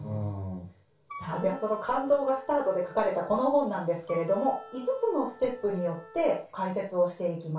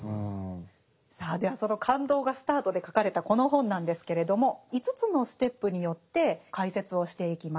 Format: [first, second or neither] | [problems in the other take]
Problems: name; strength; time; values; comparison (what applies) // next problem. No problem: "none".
second | background sound (Wind instrument, woodwind instrument); 19 dB below the speech // room echo; dies away in 0.2 s